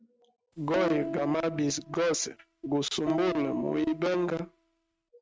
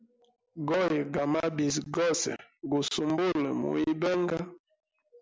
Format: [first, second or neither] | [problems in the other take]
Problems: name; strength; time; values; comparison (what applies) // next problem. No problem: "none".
second | noise reduction (neural mask model RNNoise)